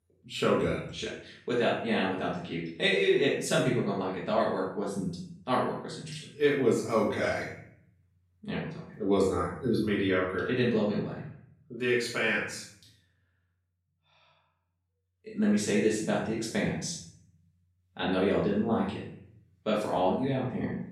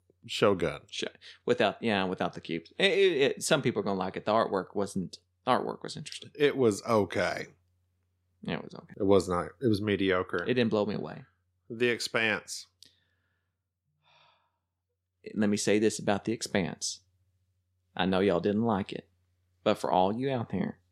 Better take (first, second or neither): second